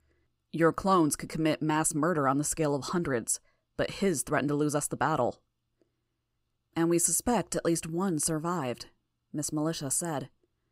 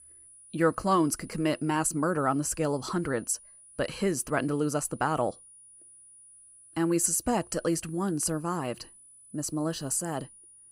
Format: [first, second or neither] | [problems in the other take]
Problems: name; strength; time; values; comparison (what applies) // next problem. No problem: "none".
first | high-pitched whine; faint; throughout; 9.5 kHz, 20 dB below the speech